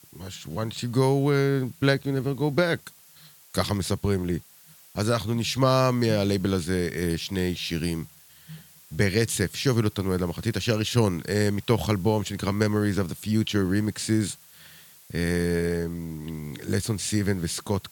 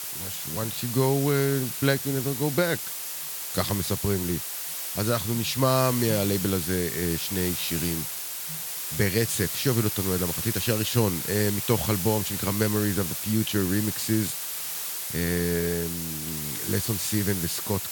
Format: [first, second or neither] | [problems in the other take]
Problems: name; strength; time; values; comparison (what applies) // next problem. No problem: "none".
first | hiss; loud; throughout; 3 dB below the speech; faint in the first